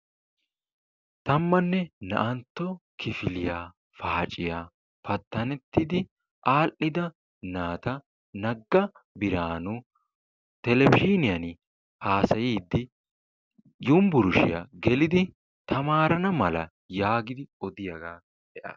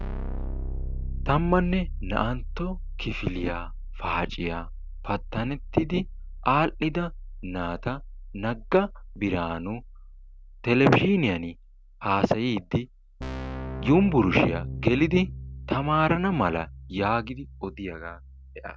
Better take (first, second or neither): first